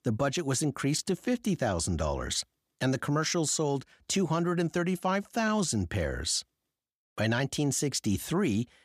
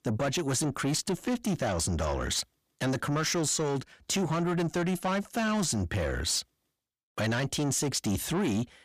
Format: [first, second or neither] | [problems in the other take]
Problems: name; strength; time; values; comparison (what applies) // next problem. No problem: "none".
first | distortion; slight; 10 dB below the speech